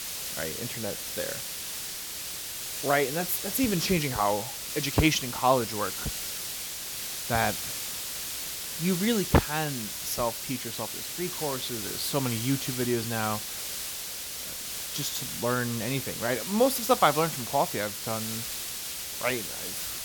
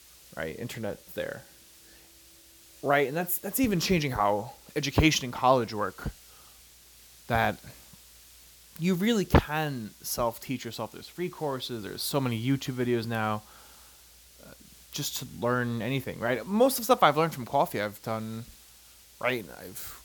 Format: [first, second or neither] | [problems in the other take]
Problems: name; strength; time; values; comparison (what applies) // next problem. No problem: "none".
second | hiss; loud; throughout; 4 dB below the speech; faint in the second